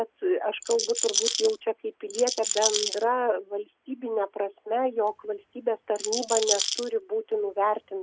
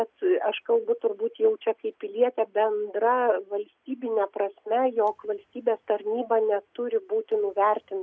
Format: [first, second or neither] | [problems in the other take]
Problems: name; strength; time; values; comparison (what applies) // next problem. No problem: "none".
second | background sound (Rattle); 2 dB below the speech